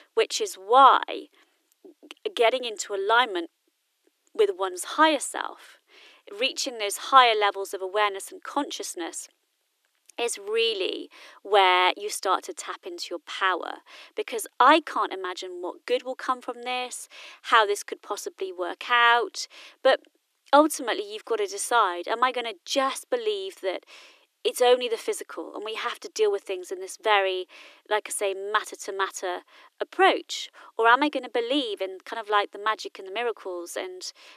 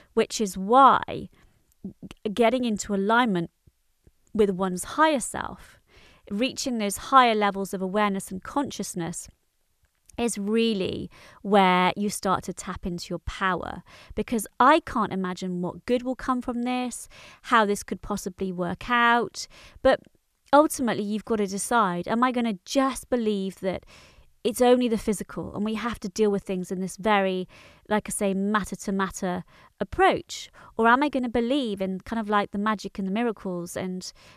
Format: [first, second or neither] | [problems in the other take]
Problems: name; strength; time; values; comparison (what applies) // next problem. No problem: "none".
second | thin; somewhat; fading below 300 Hz